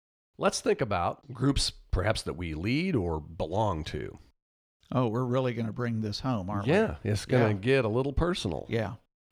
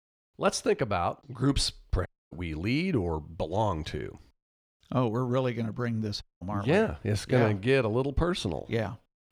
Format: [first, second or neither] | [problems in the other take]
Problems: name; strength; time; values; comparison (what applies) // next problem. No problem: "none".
first | audio cutting out; at 2 s and at 6 s